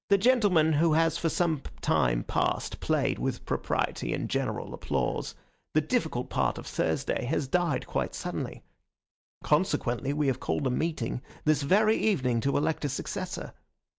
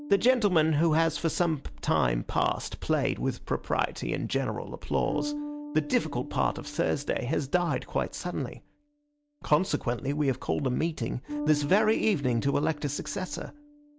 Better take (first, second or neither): first